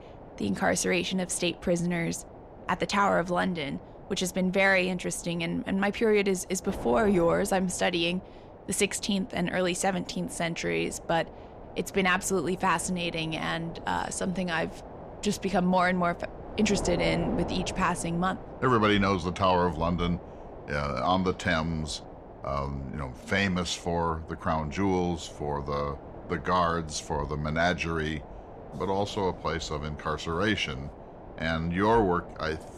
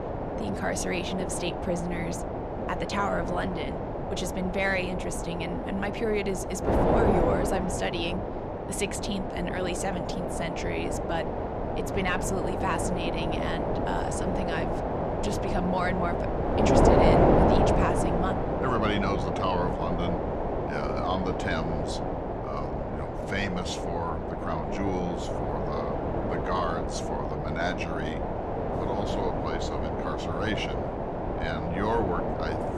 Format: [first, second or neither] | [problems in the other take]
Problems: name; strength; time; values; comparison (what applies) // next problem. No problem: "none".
first | wind noise on the microphone; heavy; 2 dB above the speech; occasional gusts in the first